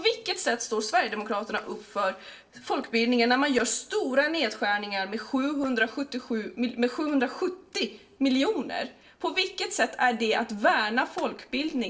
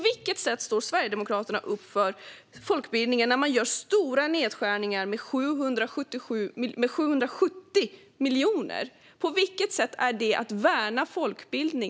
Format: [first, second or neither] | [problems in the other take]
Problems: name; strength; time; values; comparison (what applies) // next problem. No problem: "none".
second | noise reduction (neural separator model SepFormer DNS4)